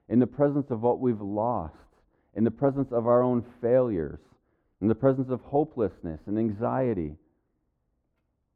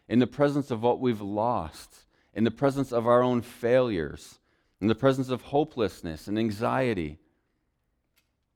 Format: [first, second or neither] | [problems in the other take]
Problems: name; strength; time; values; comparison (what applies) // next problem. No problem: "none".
second | muffled; very; fading above 2 kHz